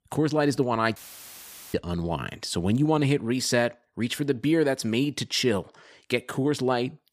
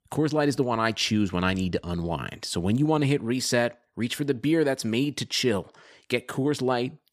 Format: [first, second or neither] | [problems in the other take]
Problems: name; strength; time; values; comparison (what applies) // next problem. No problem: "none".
second | audio cutting out; filled with static; at 1 s for 1 s